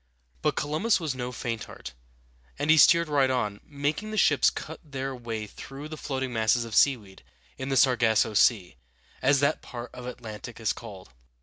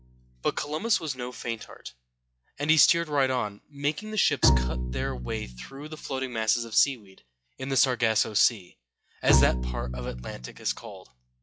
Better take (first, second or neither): first